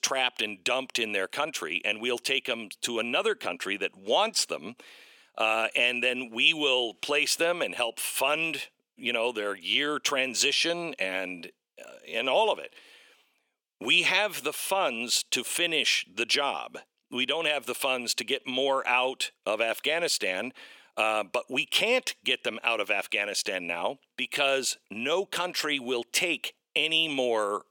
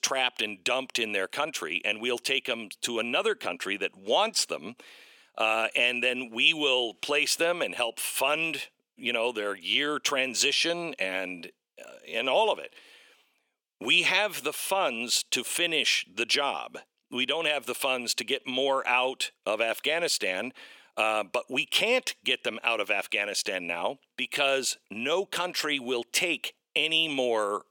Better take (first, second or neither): neither